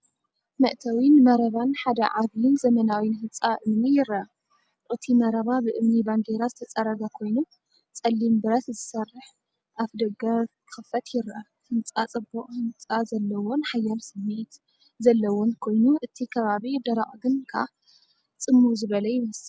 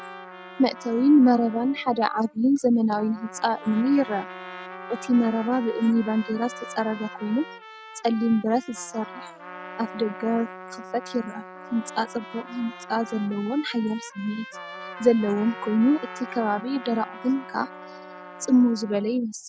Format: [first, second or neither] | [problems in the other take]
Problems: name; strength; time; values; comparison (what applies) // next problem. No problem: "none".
first | background sound (Trumpet + Trumpet); 15 dB below the speech